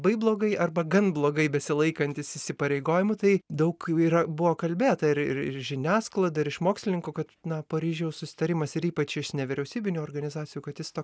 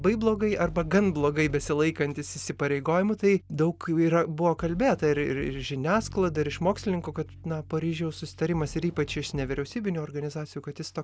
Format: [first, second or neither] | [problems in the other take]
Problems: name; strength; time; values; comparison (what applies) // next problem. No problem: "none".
first | background sound (Bass guitar + Fireworks); 17 dB below the speech